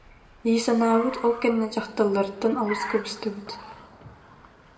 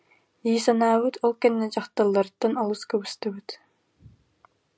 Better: second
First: background sound (Car); 15 dB below the speech // room echo; dies away in 0.8 s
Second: none

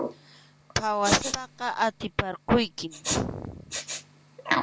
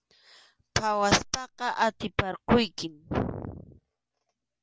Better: second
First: background sound (Respiratory sounds); 5 dB below the speech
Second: none

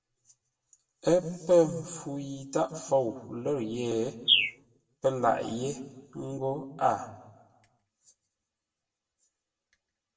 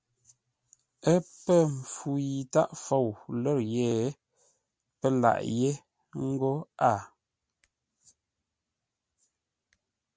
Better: second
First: background sound (Bird); 1 dB above the speech // room echo; dies away in 0.9 s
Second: none

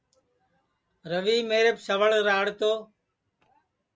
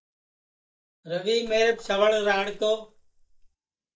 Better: first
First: none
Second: noise reduction (neural mask model DeepFilterNet 3)

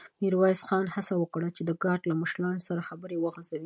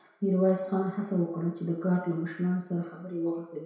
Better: first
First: none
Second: room echo; dies away in 0.7 s

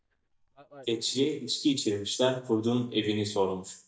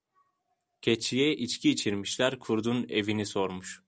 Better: second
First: noise reduction (neural mask model DeepFilterNet 3)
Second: none

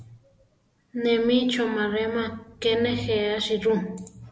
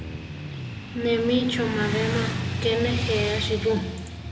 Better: first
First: none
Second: background sound (Motorcycle / Traffic noise, roadway noise); 3 dB below the speech

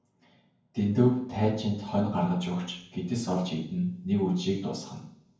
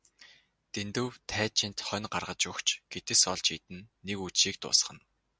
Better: second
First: room echo; dies away in 0.9 s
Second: none

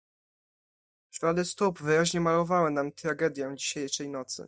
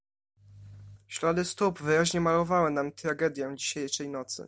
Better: second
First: noise reduction (neural mask model DeepFilterNet 3)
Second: none

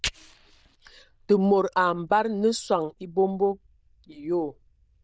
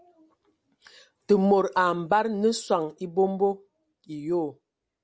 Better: second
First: noise reduction (neural diffusion model UNIVERSE++)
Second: none

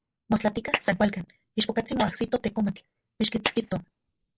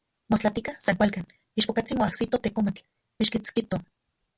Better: second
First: noise reduction (neural mask model Resemble Enhance denoiser)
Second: none

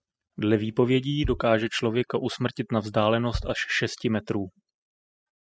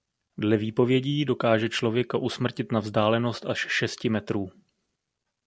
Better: second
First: noise reduction (classical method spectral subtraction)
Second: none

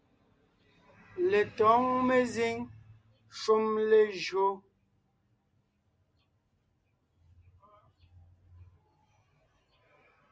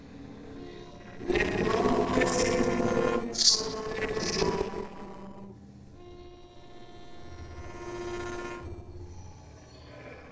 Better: first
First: none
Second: noise reduction (neural separator model SepFormer DNS4)

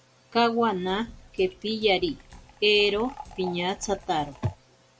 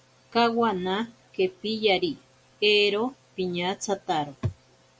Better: second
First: background sound (Liquid + Drum kit); 18 dB below the speech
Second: none

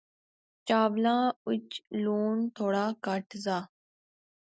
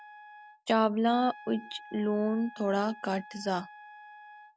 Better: first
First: none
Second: background sound (Trumpet); 19 dB below the speech

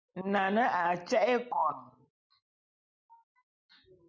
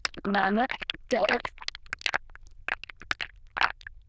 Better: first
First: none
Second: noise reduction (neural diffusion model UNIVERSE++)

